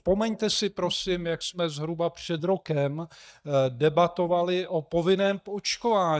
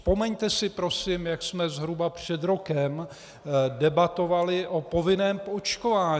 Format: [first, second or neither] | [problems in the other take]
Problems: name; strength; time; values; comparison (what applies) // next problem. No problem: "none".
second | noise reduction (neural mask model DeepFilterNet 3)